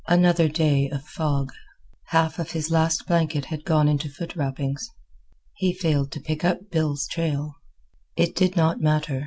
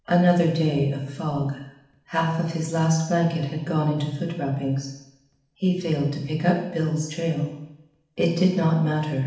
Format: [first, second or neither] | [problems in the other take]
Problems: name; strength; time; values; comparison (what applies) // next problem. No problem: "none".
first | room echo; dies away in 0.8 s